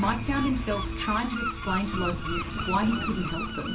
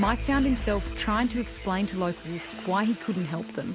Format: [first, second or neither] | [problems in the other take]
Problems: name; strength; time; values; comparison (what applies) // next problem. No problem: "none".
second | background sound (Gull, seagull); 5 dB below the speech // room echo; dies away in 0.4 s